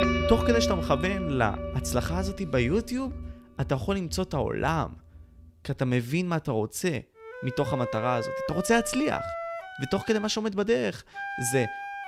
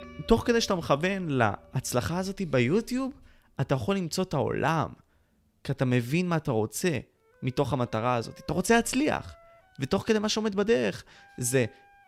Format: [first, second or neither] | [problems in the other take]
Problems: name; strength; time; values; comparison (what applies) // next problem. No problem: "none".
second | background music; loud; throughout; 6 dB below the speech; faint in the second